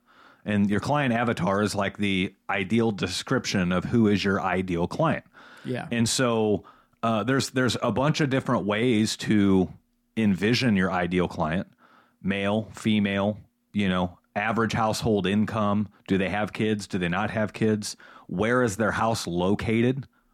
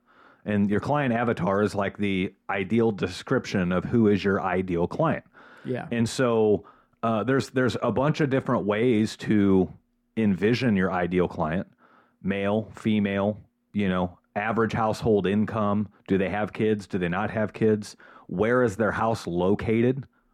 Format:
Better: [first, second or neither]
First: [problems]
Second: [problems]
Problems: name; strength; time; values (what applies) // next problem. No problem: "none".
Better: first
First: none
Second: muffled; slightly; fading above 3 kHz